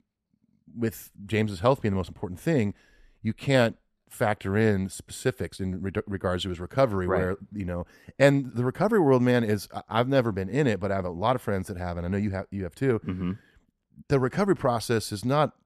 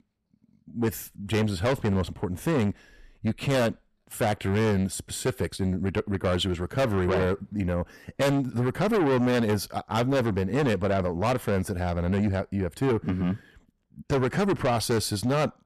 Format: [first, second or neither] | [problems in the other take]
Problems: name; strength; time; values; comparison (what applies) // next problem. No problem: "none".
first | distortion; heavy; 6 dB below the speech